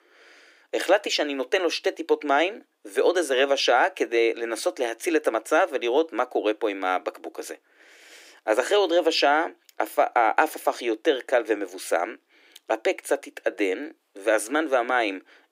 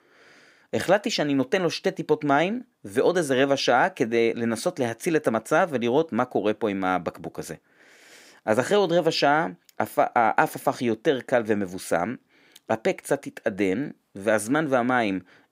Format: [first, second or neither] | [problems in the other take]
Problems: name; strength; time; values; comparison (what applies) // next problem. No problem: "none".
second | thin; somewhat; fading below 300 Hz